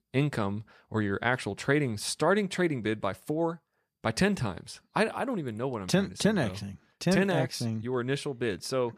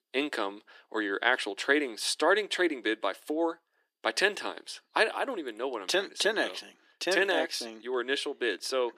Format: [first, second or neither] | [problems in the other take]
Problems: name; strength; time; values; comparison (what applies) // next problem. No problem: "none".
first | thin; very; fading below 300 Hz